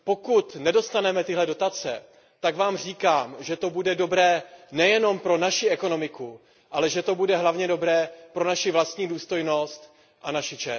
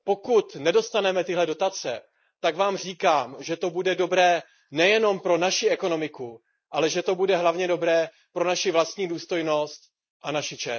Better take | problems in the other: first | noise reduction (neural mask model Resemble Enhance denoiser)

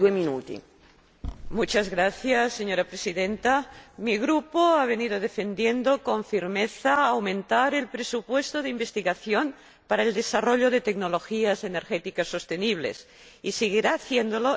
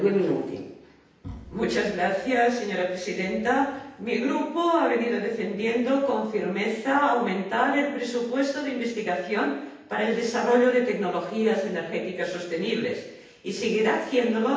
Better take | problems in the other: first | room echo; dies away in 0.9 s

